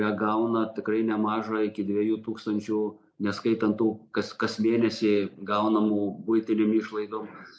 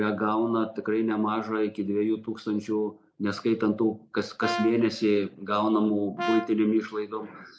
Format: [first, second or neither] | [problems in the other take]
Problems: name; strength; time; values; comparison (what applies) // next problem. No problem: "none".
first | background sound (Brass instrument); 8 dB below the speech